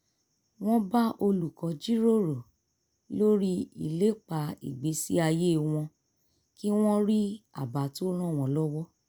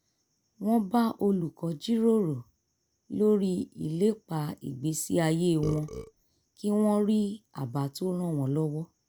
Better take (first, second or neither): first